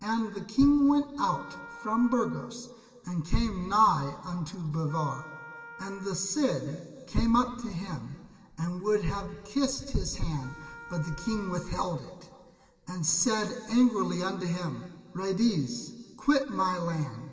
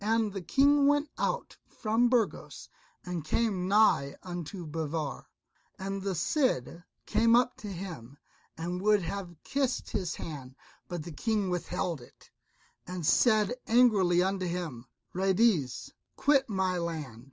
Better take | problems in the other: second | background sound (Wind instrument, woodwind instrument); 19 dB below the speech // room echo; dies away in 2.3 s

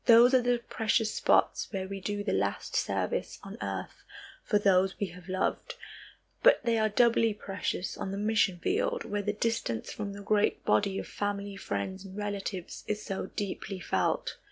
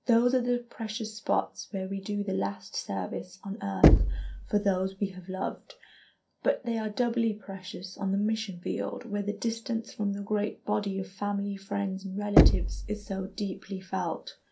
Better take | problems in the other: first | background sound (Knock); 4 dB above the speech // room echo; dies away in 0.3 s

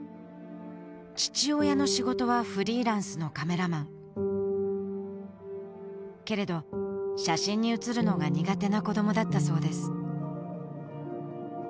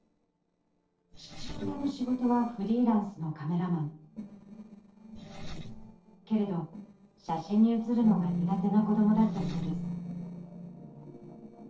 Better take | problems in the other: first | noise reduction (neural separator model SepFormer DNS4)

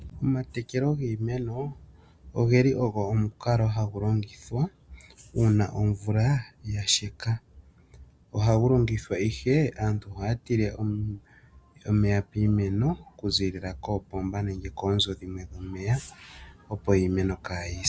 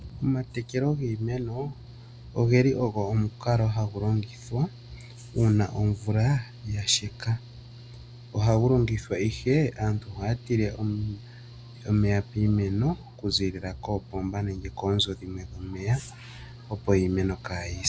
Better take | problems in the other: first | background sound (Mechanical fan / Engine); 18 dB below the speech

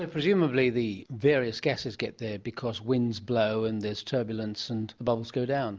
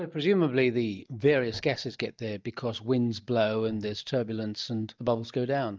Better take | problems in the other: first | noise reduction (neural mask model DeepFilterNet 3)

